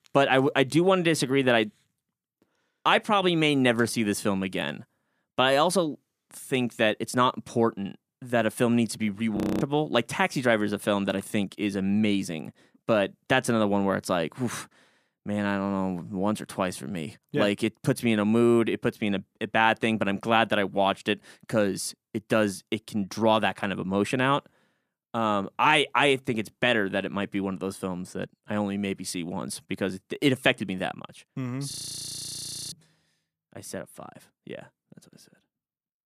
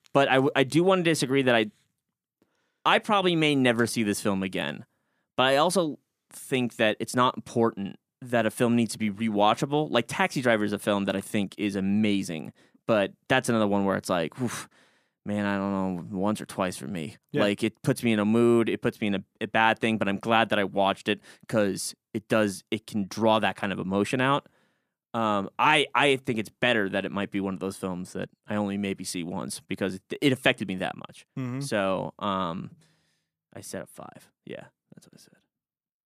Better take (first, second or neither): second